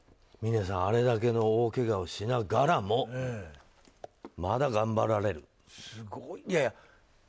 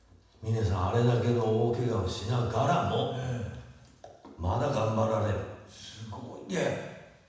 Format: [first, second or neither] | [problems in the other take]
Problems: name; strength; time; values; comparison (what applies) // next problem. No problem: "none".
first | room echo; dies away in 1.1 s